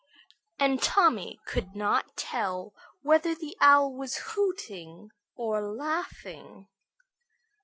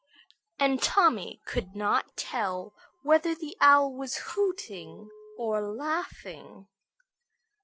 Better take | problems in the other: first | noise reduction (neural separator model SepFormer DNS4)

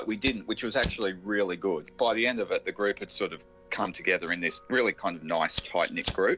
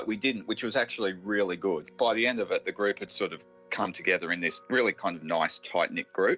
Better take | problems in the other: second | background sound (Fire); 15 dB below the speech

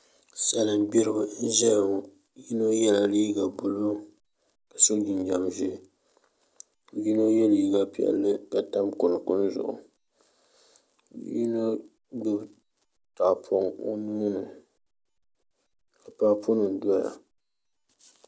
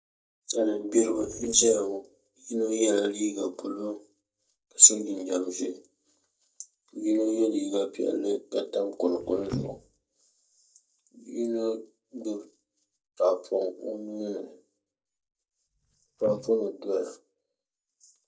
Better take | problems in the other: first | noise reduction (neural mask model DeepFilterNet 3)

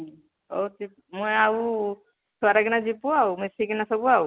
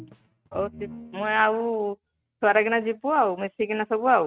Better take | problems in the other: first | noise reduction (neural mask model RNNoise)

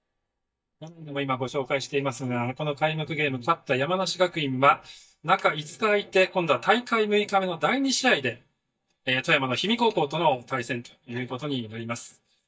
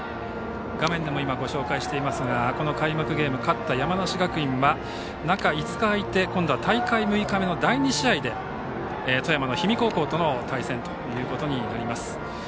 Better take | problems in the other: second | noise reduction (neural mask model DeepFilterNet 3)

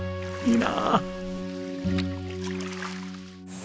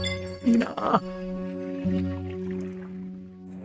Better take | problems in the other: first | noise reduction (neural mask model RNNoise)

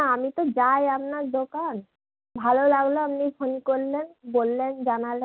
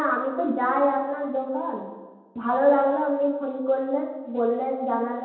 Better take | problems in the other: first | room echo; dies away in 1 s

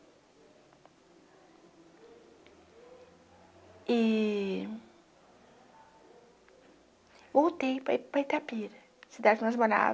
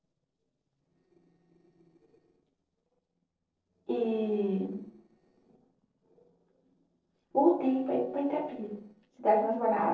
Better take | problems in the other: first | noise reduction (neural separator model SepFormer DNS4)

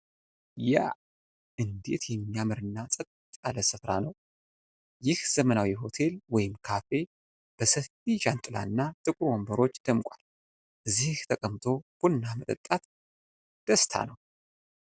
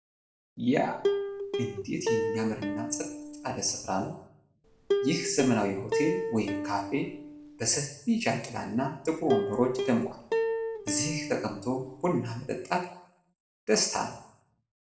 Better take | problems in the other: first | background sound (Plucked string instrument); 2 dB below the speech // room echo; dies away in 0.6 s

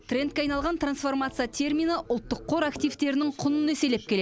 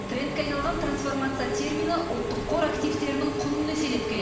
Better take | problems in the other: first | background sound (Engine / Mechanisms); 3 dB below the speech // room echo; dies away in 1 s

